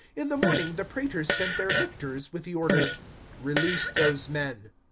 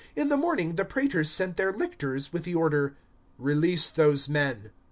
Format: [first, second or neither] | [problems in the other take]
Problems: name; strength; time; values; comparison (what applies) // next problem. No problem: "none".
second | background sound (Fart); 1 dB above the speech